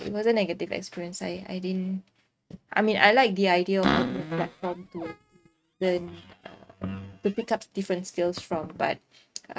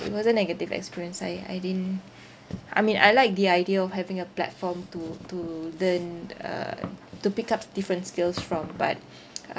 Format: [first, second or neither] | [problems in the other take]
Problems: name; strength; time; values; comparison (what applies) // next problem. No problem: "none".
second | noise reduction (neural mask model RNNoise)